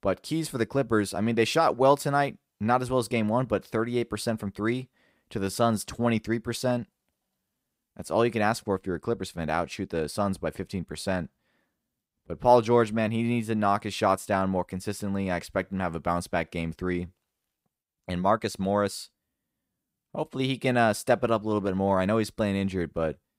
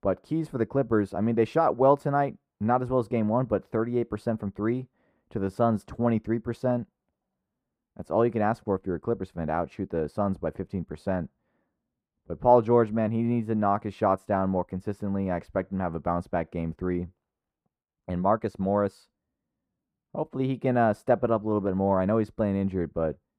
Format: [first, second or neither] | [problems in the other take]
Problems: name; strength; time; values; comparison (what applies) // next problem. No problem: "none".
first | muffled; very; fading above 2 kHz